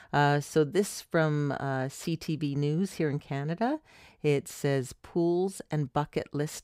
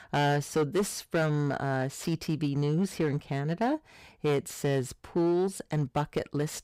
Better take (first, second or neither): first